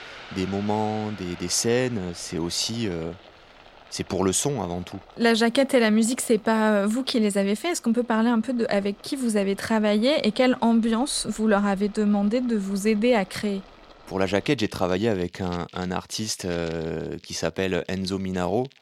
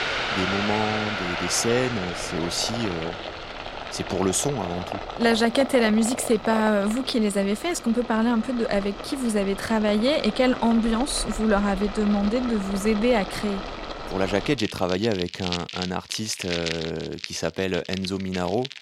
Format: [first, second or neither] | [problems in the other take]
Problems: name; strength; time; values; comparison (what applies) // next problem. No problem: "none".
first | household noises; loud; throughout; 8 dB below the speech; faint in the first